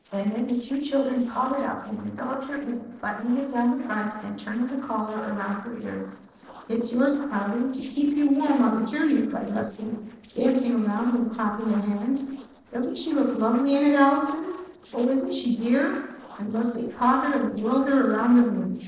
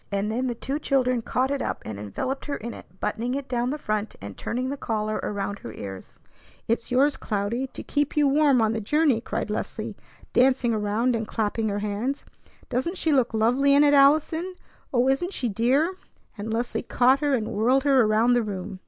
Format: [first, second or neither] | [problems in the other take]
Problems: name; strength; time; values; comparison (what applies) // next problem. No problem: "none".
second | noise reduction (neural separator model SepFormer DNS4)